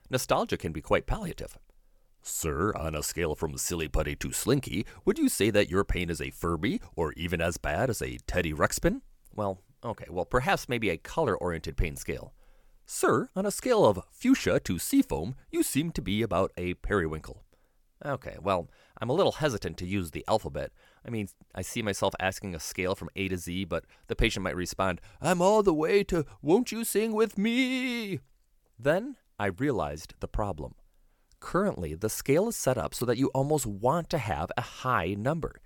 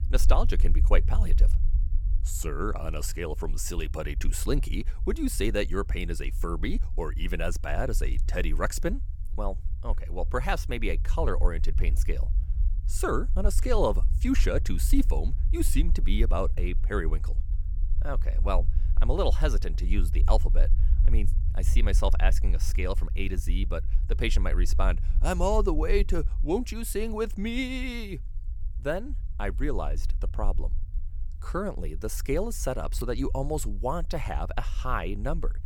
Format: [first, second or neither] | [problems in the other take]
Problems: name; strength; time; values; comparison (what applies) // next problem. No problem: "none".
first | low rumble; noticeable; throughout; 20 dB below the speech